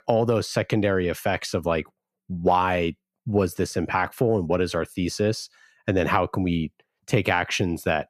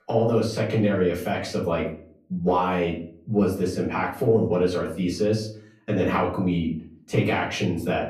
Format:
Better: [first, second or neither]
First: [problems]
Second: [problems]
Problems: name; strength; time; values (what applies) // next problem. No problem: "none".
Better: first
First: none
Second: off-mic speech; far // room echo; slight; dies away in 0.4 s